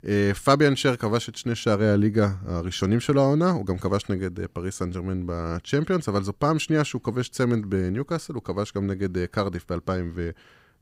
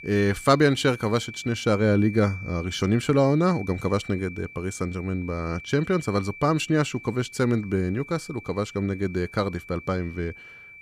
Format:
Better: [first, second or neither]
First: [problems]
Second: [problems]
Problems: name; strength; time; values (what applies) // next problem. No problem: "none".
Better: first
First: none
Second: high-pitched whine; noticeable; throughout; 2.5 kHz, 15 dB below the speech